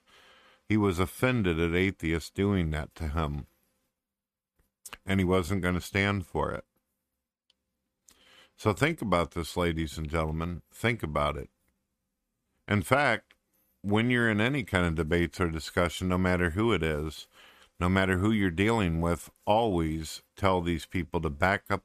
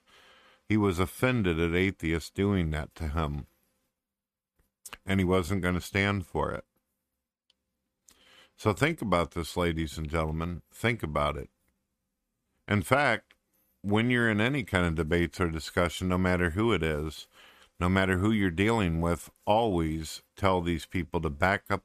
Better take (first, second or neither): neither